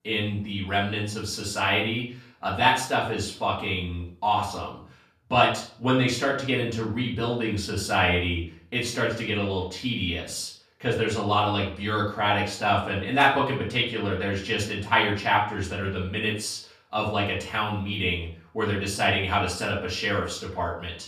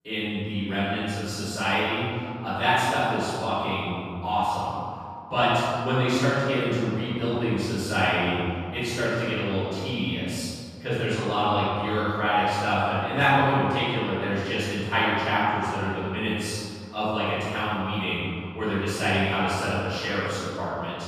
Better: first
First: room echo; slight; dies away in 0.4 s // off-mic speech; far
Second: room echo; strong; dies away in 2.3 s // off-mic speech; far

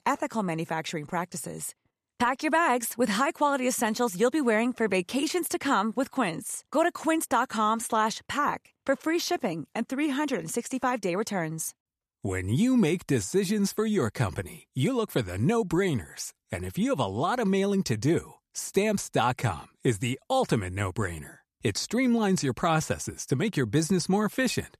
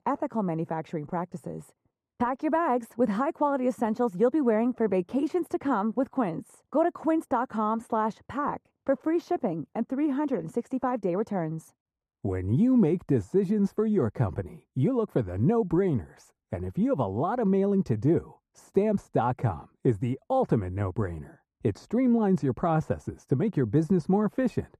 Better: first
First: none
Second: muffled; very; fading above 1.5 kHz

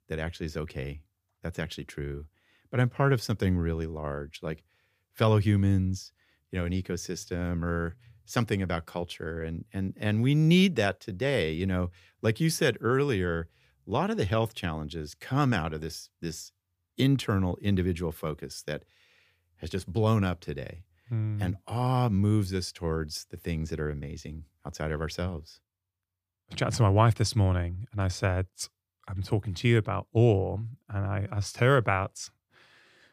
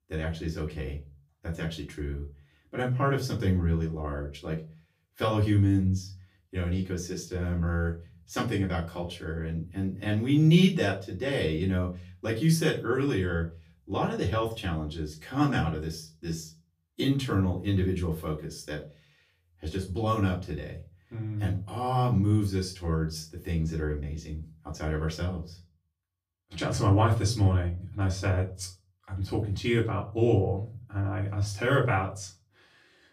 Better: first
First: none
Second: off-mic speech; far // room echo; very slight; dies away in 0.3 s

